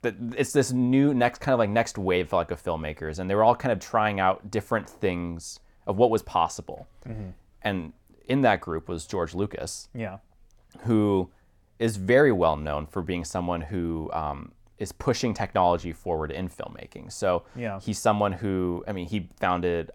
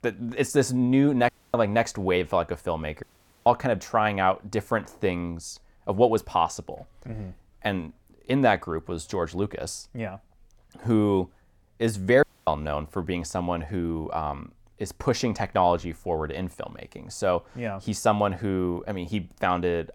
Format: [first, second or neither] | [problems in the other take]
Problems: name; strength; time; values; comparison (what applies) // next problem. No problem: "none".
first | audio cutting out; at 1.5 s, at 3 s and at 12 s